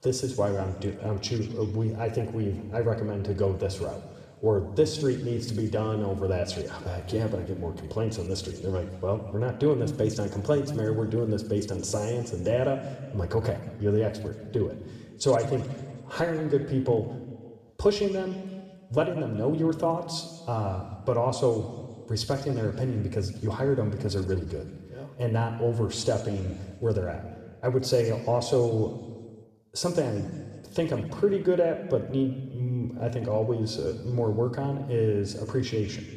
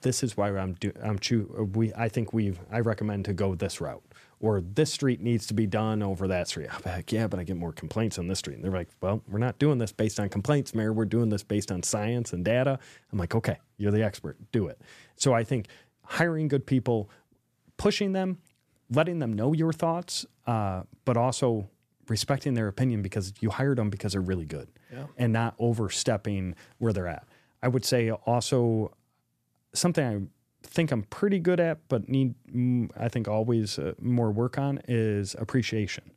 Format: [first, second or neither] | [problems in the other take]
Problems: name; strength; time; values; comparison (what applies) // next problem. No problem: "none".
second | room echo; noticeable; dies away in 1.4 s // off-mic speech; somewhat distant